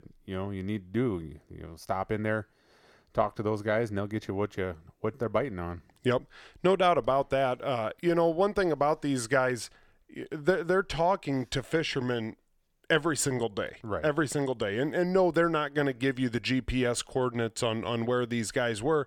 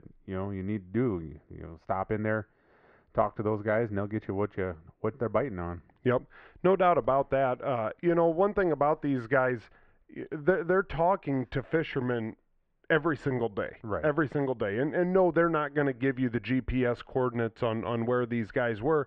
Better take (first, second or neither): first